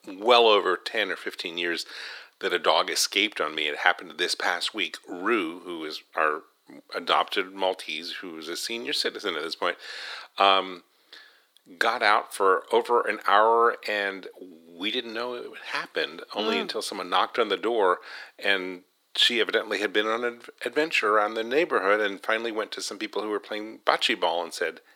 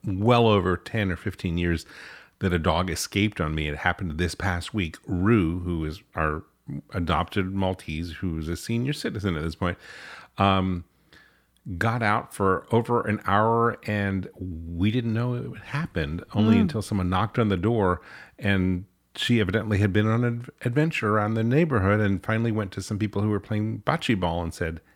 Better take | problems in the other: second | thin; very; fading below 400 Hz

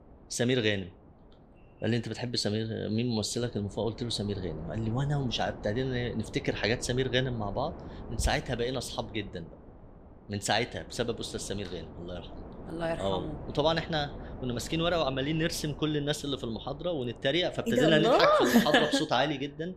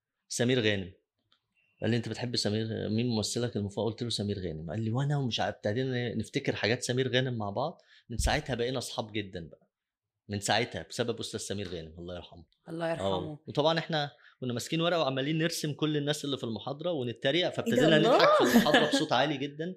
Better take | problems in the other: second | wind noise on the microphone; occasional gusts; 20 dB below the speech

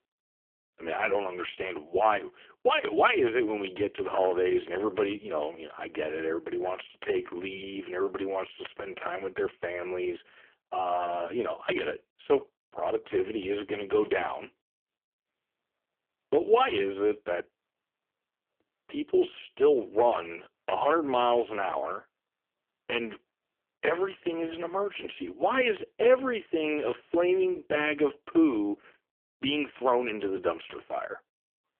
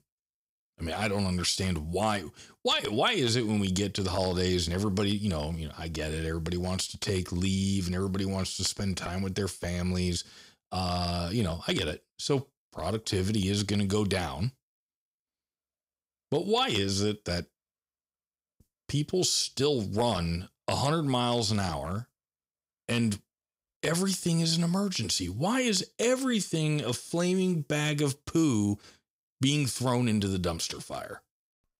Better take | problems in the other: second | phone-call audio; poor line; nothing above 3 kHz

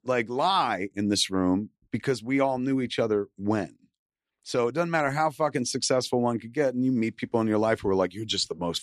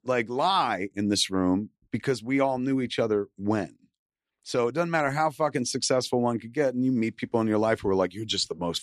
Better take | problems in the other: neither | none

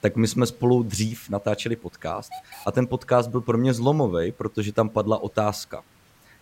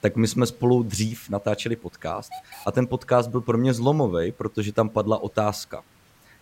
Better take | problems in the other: neither | hiss; faint; throughout; 25 dB below the speech; the same in both

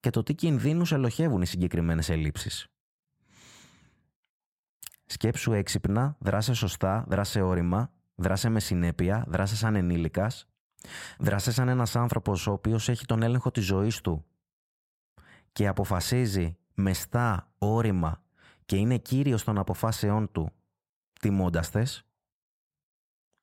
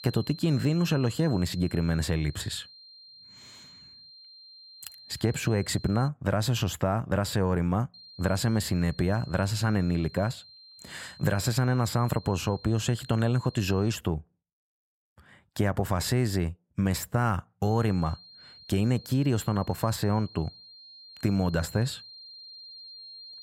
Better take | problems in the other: first | high-pitched whine; noticeable; until 6 s, from 8 to 14 s and from 18 s on; 4 kHz, 20 dB below the speech

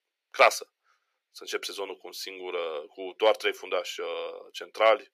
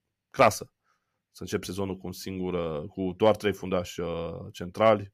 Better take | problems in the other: second | thin; very; fading below 400 Hz

